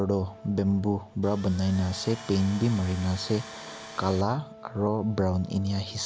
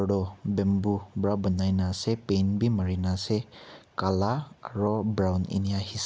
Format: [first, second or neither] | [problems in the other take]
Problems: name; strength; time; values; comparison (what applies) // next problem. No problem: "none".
second | background sound (Wind instrument, woodwind instrument + Tools); 17 dB below the speech